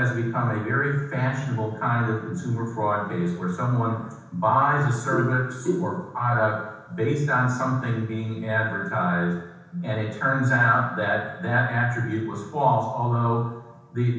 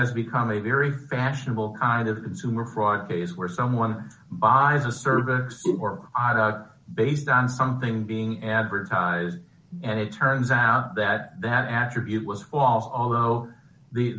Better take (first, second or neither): second